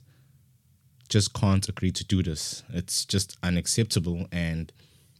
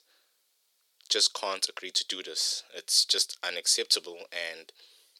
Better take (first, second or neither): first